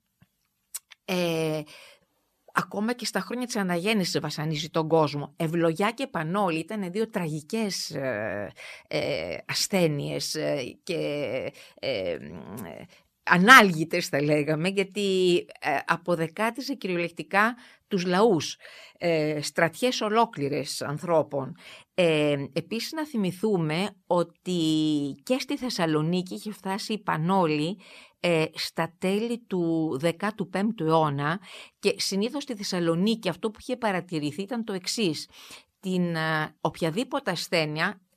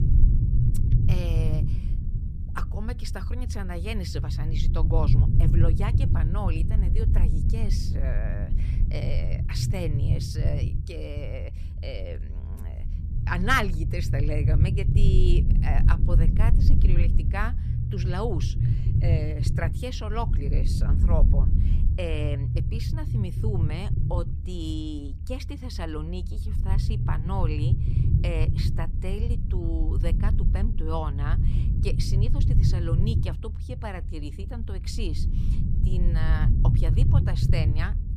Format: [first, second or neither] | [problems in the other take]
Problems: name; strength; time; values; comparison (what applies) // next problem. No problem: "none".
first | low rumble; loud; throughout; 4 dB below the speech